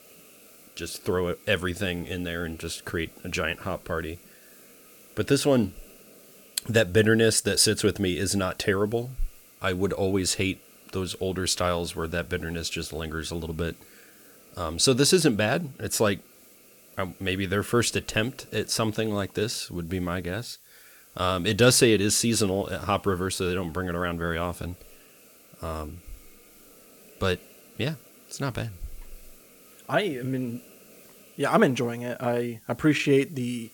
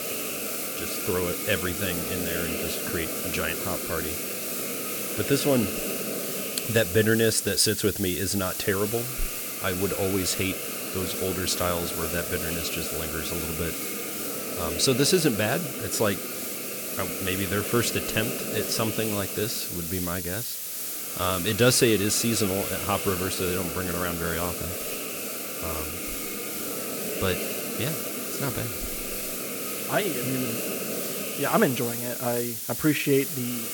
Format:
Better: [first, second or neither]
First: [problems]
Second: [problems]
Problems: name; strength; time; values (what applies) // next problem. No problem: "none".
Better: first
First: hiss; faint; throughout; 25 dB below the speech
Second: hiss; loud; throughout; 2 dB below the speech